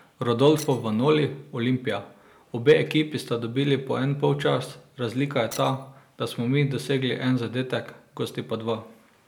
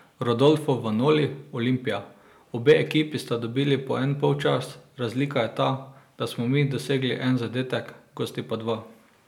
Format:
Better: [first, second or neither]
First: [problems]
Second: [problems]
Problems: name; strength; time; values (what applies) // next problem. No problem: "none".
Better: second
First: background sound (Shatter); 19 dB below the speech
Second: none